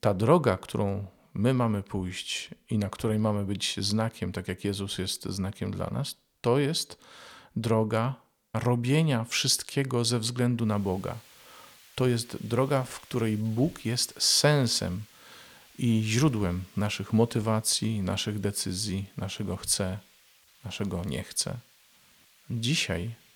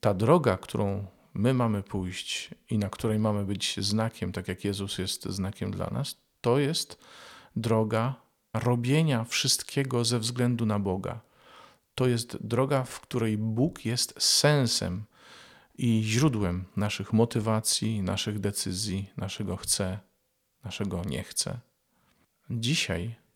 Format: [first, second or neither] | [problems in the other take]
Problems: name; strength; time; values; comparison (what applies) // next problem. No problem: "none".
second | hiss; faint; from 11 s on; 25 dB below the speech